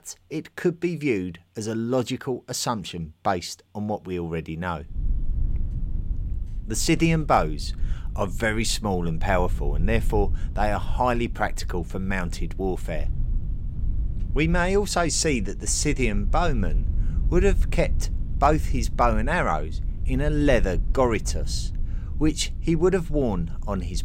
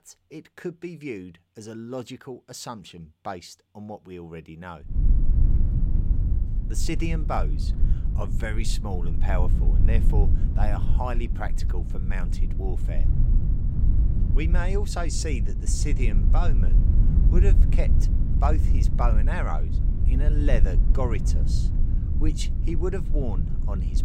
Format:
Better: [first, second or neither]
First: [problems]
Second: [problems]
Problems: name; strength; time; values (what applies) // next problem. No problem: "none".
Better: first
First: low rumble; faint; from 5 s on; 20 dB below the speech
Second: low rumble; loud; from 5 s on; 7 dB below the speech